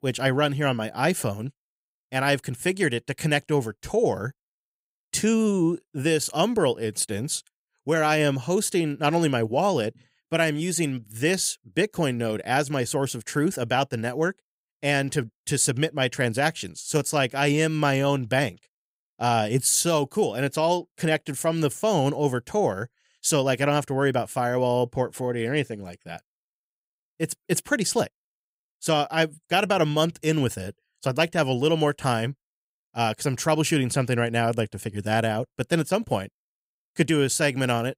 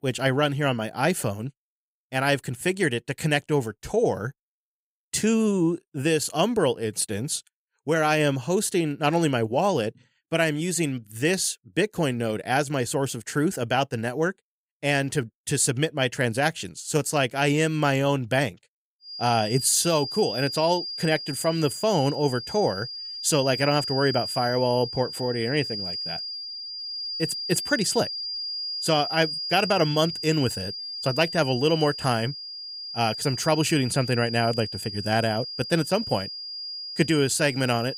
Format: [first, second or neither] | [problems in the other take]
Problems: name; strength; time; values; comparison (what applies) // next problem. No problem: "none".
first | high-pitched whine; loud; from 19 s on; 5 kHz, 6 dB below the speech